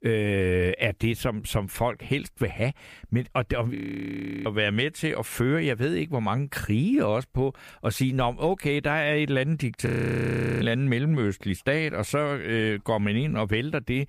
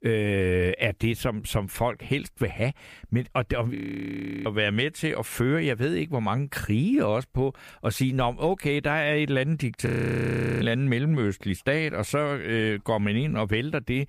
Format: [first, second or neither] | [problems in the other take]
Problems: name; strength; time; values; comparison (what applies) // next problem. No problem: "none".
neither | audio freezing; at 4 s for 0.5 s and at 10 s for 0.5 s; the same in both